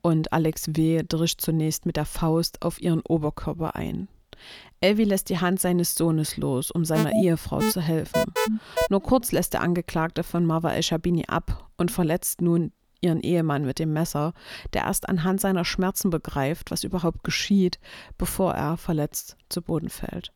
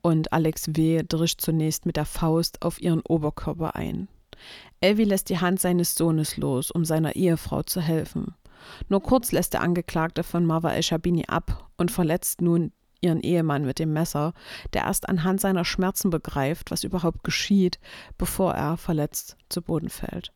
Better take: second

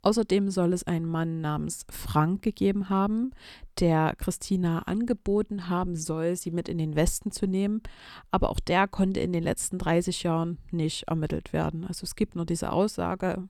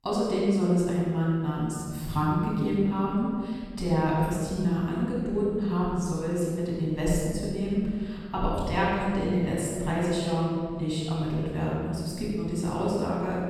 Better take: first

